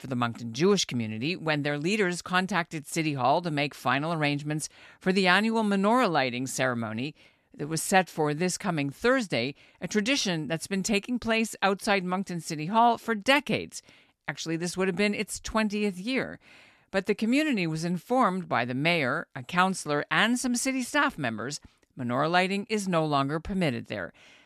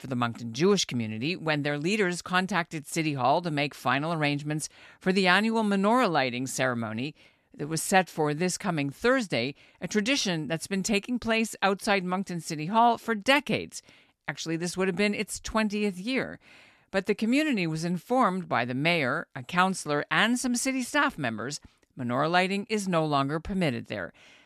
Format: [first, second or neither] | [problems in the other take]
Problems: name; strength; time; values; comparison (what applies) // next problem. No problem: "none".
neither | none